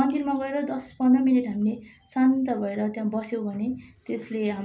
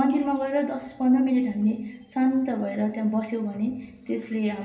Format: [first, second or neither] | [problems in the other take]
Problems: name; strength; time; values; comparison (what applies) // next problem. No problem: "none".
first | room echo; dies away in 2.4 s